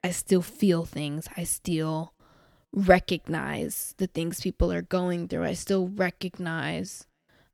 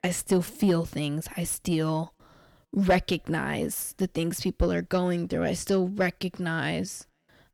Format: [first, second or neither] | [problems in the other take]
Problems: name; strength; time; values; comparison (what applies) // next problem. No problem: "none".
first | distortion; slight; 10 dB below the speech